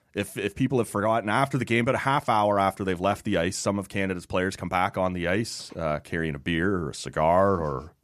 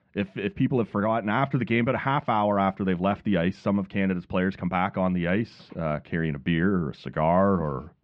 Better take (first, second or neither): first